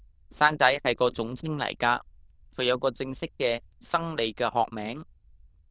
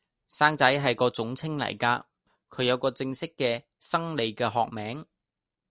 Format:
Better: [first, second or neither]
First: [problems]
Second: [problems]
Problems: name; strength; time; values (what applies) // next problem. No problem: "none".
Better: second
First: noise reduction (neural diffusion model UNIVERSE++)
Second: none